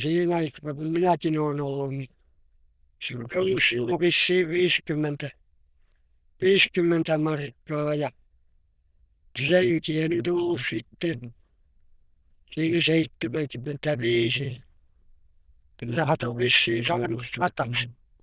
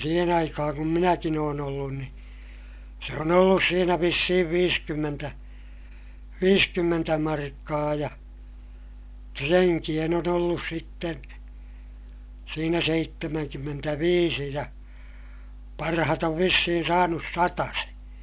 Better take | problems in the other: second | noise reduction (neural diffusion model UNIVERSE++)

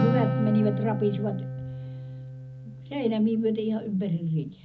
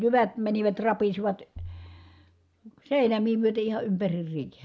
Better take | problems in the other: second | background sound (Acoustic guitar); 3 dB below the speech // room echo; dies away in 0.4 s

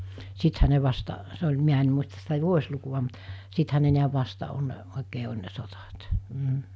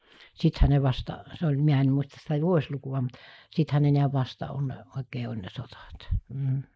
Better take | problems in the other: first | noise reduction (neural mask model Resemble Enhance denoiser)

